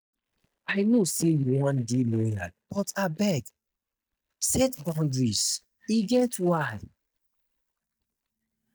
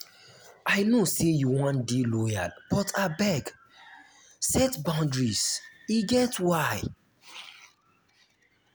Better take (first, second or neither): second